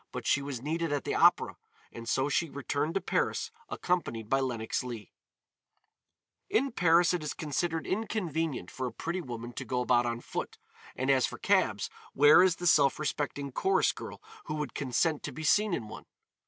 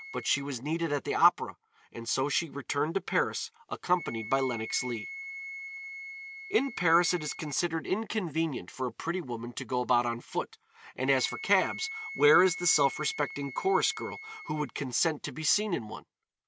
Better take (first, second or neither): first